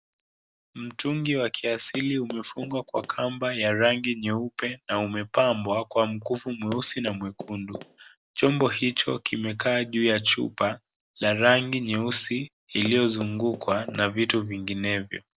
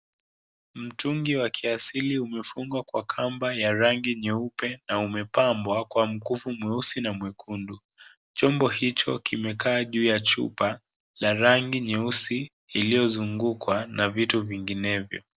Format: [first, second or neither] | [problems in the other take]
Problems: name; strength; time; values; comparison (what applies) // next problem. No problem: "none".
second | background sound (Run); 15 dB below the speech